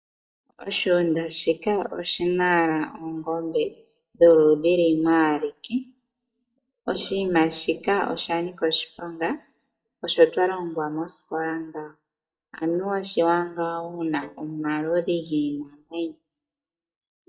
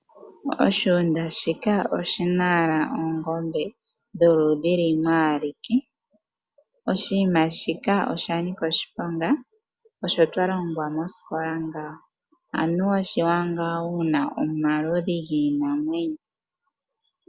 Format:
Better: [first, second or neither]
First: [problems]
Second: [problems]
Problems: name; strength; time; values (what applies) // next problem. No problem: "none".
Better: second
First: noise reduction (neural mask model DeepFilterNet 3)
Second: none